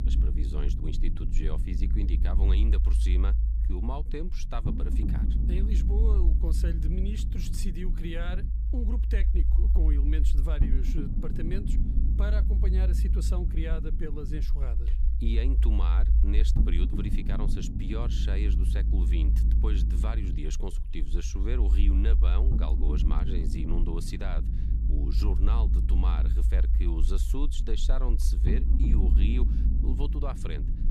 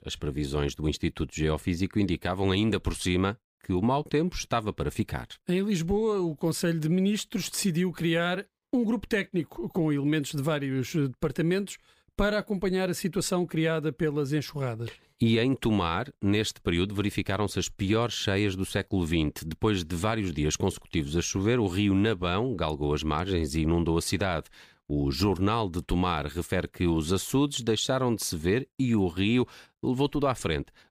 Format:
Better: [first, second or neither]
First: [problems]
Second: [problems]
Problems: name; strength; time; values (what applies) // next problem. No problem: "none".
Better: second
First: low rumble; loud; throughout; 4 dB below the speech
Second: none